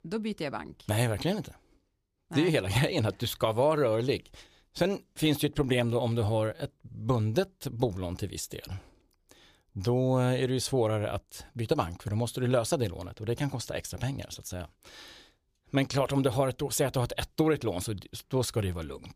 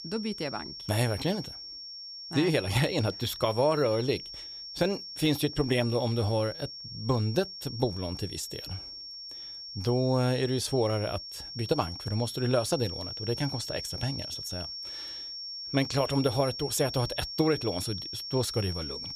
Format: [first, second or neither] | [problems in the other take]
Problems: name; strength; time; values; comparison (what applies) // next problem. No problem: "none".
first | high-pitched whine; loud; throughout; 5.5 kHz, 8 dB below the speech